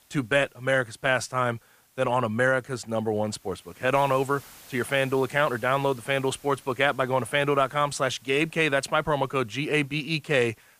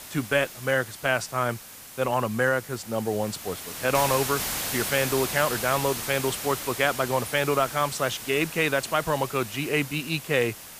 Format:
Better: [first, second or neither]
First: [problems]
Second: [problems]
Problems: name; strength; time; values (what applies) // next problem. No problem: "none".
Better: first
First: hiss; faint; throughout; 25 dB below the speech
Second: hiss; loud; throughout; 7 dB below the speech